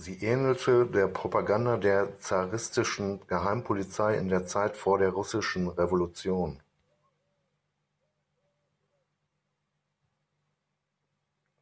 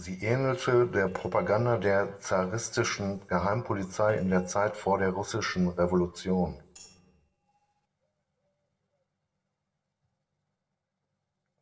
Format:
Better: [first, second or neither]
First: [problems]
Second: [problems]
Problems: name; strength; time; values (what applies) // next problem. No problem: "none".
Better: first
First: none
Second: noise reduction (neural separator model SepFormer DNS4)